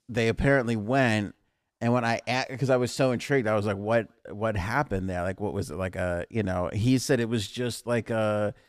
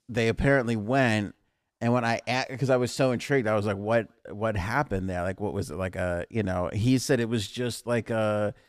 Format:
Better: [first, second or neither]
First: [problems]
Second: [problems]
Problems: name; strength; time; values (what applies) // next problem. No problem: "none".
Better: neither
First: none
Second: none